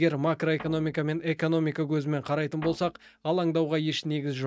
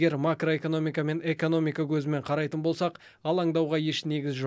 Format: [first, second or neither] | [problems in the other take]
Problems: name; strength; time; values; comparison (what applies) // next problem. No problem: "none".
second | noise reduction (neural mask model RNNoise)